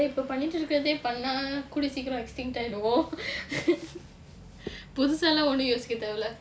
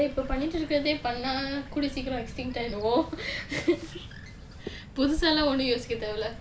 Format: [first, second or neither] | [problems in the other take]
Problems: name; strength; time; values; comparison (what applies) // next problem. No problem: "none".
first | background sound (Bird); 11 dB below the speech